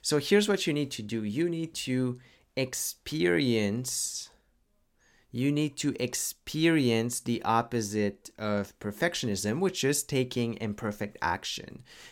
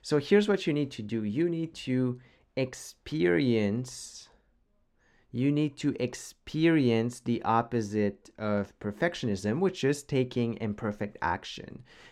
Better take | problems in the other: first | muffled; slightly; fading above 2 kHz

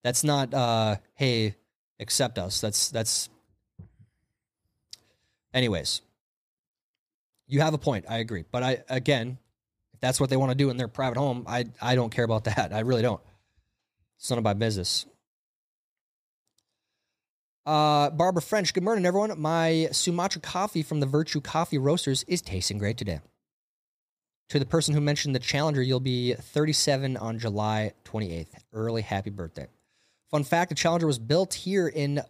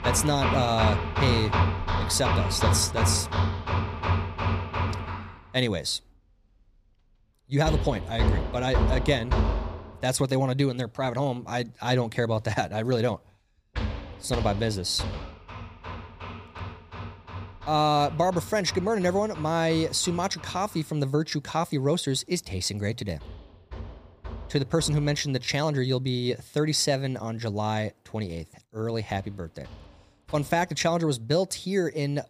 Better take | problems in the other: first | machinery noise; loud; throughout; 3 dB below the speech

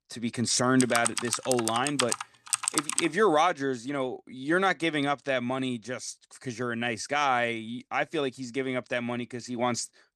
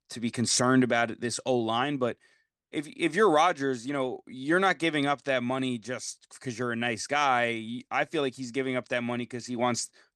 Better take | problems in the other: second | keyboard typing; loud; from 1 to 3 s; peak 2 dB above the speech

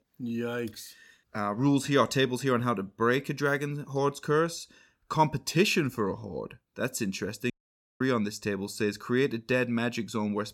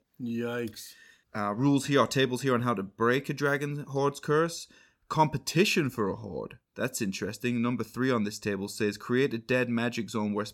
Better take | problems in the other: second | audio cutting out; at 7.5 s for 0.5 s

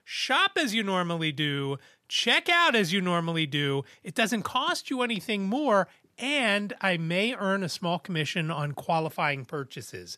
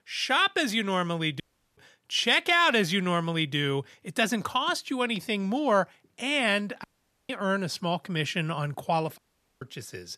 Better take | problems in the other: first | audio cutting out; at 1.5 s, at 7 s and at 9 s

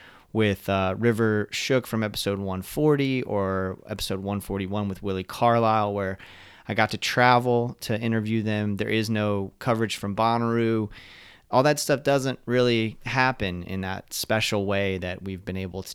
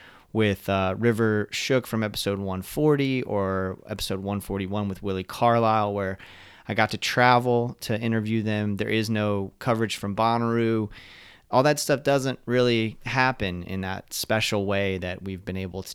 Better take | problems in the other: neither | none

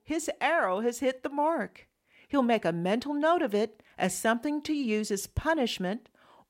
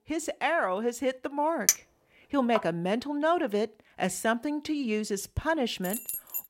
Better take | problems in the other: first | clattering dishes; loud; at 1.5 s; peak 4 dB above the speech // jangling keys; noticeable; at 6 s; peak 4 dB below the speech

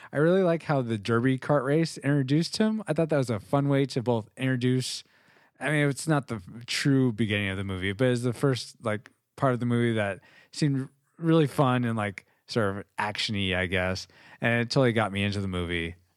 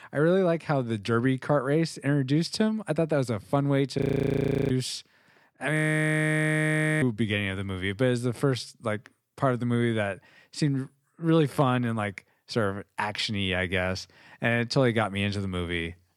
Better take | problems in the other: first | audio freezing; at 4 s for 0.5 s and at 6 s for 1.5 s

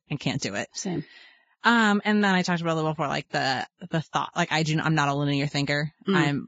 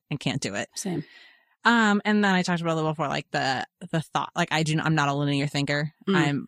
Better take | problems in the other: second | garbled, watery; badly; nothing above 7.5 kHz; slightly in the second

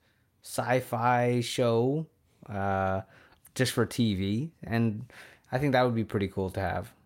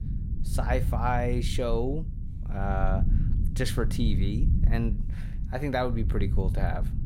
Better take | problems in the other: first | low rumble; noticeable; throughout; 10 dB below the speech

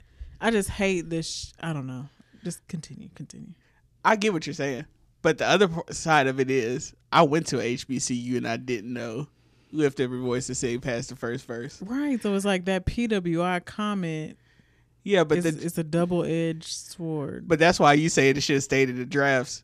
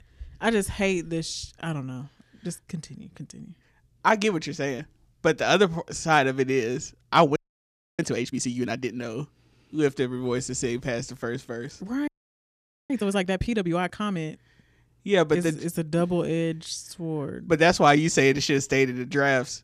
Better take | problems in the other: first | audio freezing; at 7.5 s for 0.5 s and at 12 s for 1 s

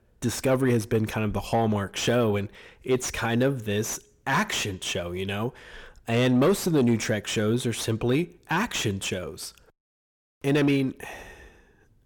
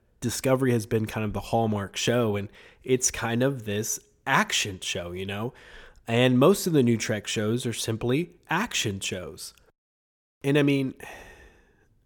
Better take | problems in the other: second | distortion; slight; 10 dB below the speech

